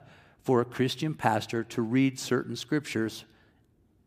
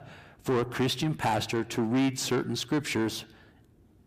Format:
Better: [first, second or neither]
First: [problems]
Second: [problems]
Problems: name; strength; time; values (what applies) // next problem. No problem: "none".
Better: first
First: none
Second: distortion; heavy; 8 dB below the speech